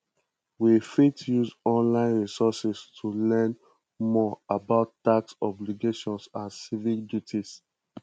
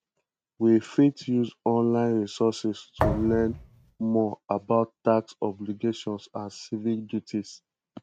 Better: first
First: none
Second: noise reduction (neural mask model RNNoise)

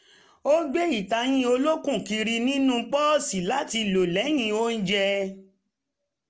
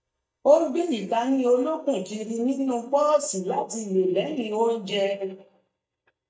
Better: first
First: none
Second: noise reduction (neural mask model DeepFilterNet 3)

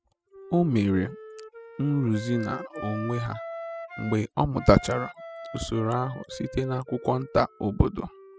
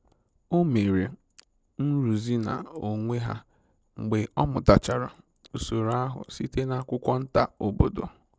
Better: second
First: noise reduction (classical method spectral subtraction)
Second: none

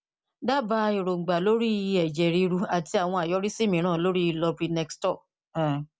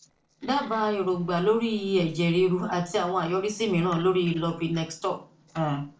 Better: first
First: none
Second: noise reduction (neural separator model SepFormer DNS4)

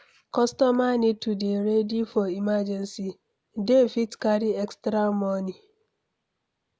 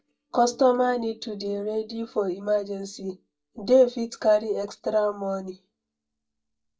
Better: first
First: none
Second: noise reduction (neural mask model DeepFilterNet 3)

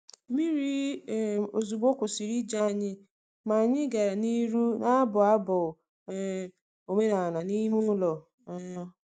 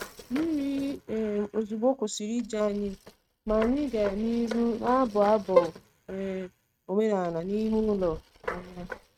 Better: first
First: none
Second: noise reduction (neural mask model RNNoise)

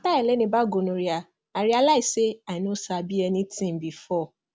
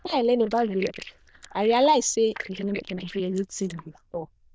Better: first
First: none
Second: noise reduction (neural diffusion model UNIVERSE++)

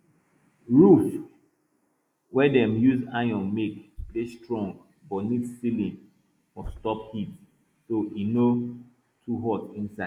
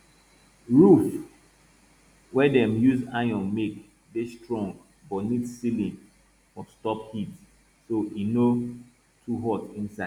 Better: second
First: noise reduction (neural mask model Resemble Enhance denoiser)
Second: none

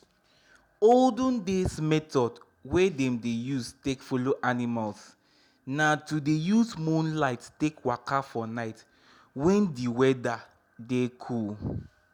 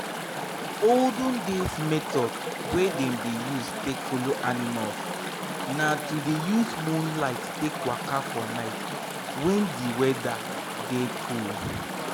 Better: first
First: none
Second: background sound (Chatter / Stream); 4 dB below the speech

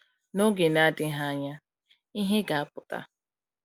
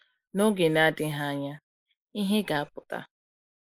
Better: first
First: none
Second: noise reduction (neural mask model Resemble Enhance denoiser)

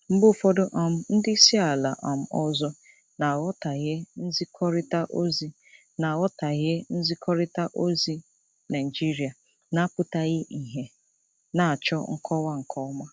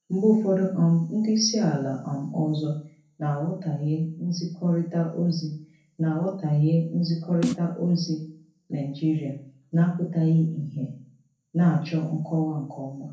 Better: first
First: none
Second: background sound (Snare drum); 6 dB below the speech // room echo; dies away in 0.5 s

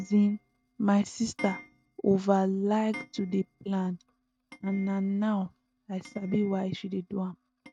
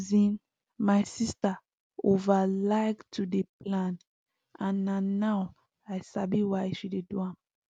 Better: second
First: noise reduction (neural mask model RNNoise)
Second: none

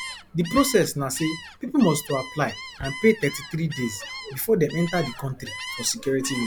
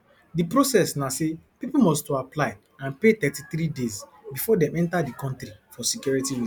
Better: second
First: background sound (Gull, seagull); 12 dB below the speech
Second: none

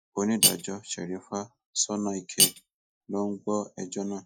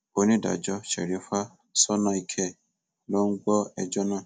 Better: second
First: noise reduction (classical method Wiener filter)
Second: none

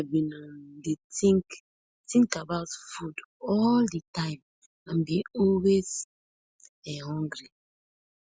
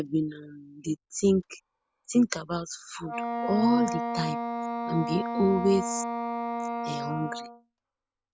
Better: first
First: none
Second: background sound (Wind instrument, woodwind instrument); 5 dB below the speech

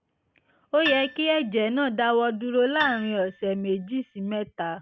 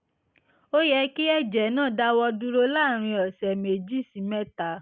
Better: second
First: background sound (Piano); 12 dB below the speech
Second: none

